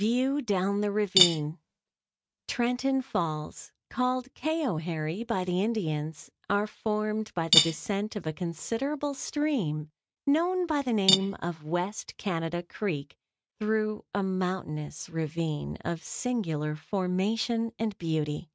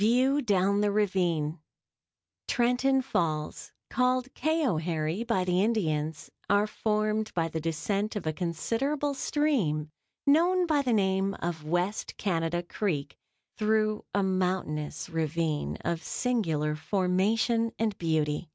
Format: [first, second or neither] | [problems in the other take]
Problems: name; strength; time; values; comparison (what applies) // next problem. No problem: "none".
second | noise reduction (neural mask model RNNoise)